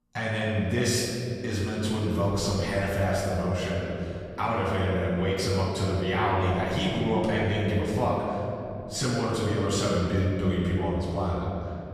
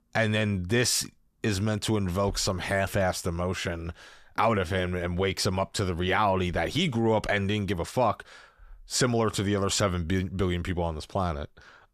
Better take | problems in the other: second | room echo; strong; dies away in 3 s // off-mic speech; far

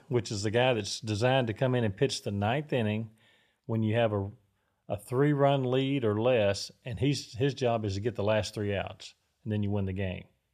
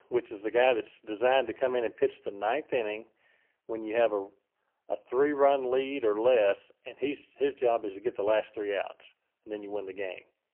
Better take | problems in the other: first | phone-call audio; poor line; nothing above 3 kHz

